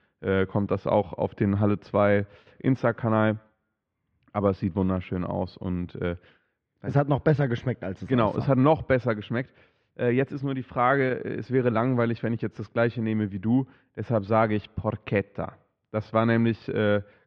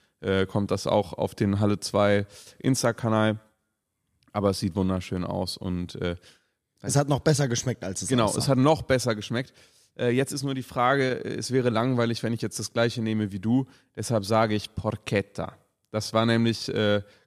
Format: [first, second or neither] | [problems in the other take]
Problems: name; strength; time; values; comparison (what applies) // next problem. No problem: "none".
second | muffled; very; fading above 2.5 kHz